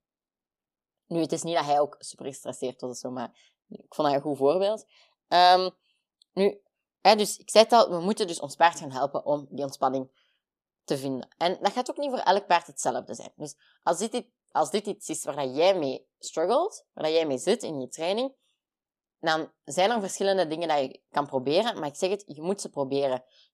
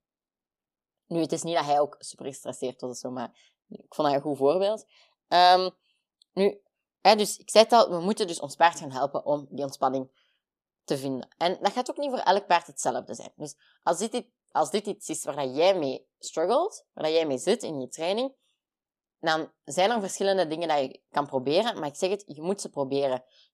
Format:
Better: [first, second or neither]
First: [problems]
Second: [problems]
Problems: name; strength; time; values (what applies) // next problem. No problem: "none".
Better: neither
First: none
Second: none